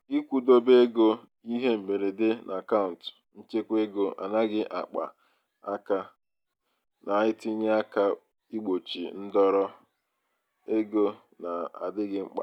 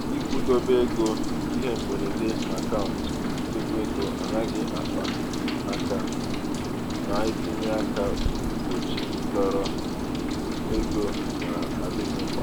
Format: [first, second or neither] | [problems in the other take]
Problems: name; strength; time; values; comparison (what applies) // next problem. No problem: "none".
first | background sound (Rain); 4 dB above the speech